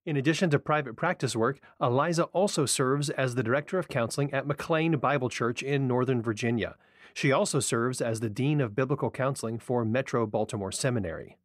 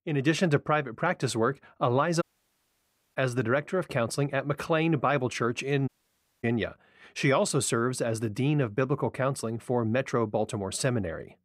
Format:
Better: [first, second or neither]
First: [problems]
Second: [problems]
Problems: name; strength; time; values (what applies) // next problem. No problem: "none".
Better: first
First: none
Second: audio cutting out; at 2 s for 1 s and at 6 s for 0.5 s